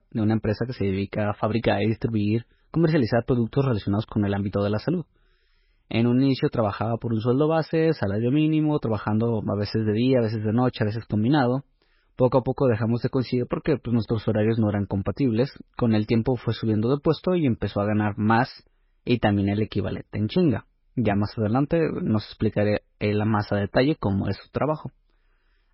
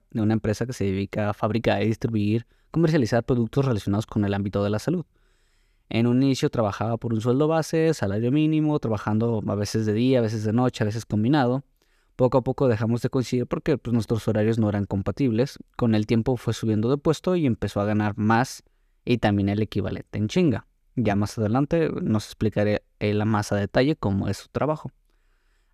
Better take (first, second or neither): second